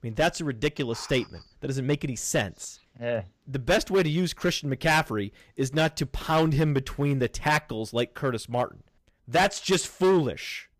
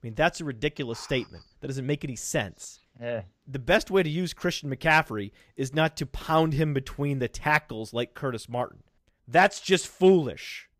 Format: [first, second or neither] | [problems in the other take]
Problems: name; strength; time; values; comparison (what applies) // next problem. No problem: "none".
second | distortion; heavy; 5% of the sound clipped